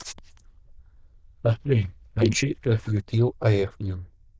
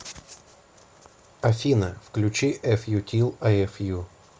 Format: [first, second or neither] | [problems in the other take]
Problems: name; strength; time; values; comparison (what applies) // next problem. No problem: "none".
second | noise reduction (neural diffusion model UNIVERSE++)